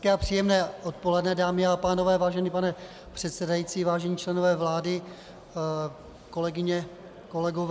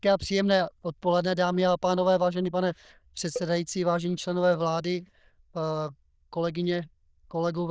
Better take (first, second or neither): first